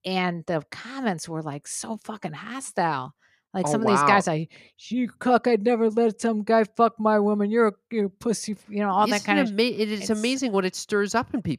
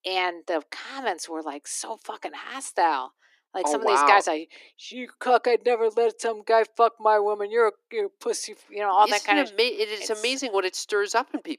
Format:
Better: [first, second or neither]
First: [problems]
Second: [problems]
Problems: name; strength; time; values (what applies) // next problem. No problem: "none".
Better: first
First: none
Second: thin; somewhat; fading below 300 Hz